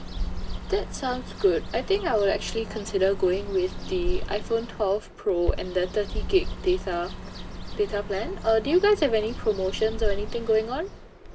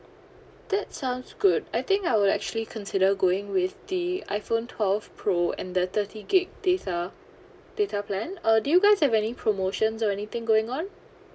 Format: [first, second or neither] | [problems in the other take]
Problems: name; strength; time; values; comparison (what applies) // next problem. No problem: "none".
second | background sound (Bird); 5 dB below the speech